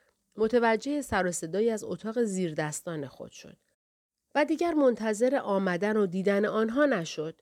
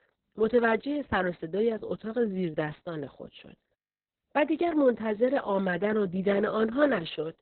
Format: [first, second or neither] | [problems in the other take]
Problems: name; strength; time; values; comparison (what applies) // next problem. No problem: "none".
first | garbled, watery; badly; nothing above 4 kHz